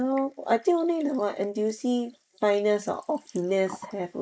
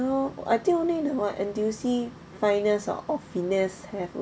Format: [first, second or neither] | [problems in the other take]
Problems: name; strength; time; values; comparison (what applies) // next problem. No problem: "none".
second | noise reduction (neural mask model Resemble Enhance denoiser)